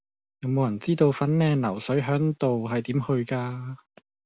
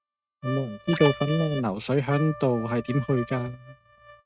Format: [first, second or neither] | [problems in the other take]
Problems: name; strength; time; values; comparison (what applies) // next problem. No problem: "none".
first | noise reduction (neural mask model RNNoise)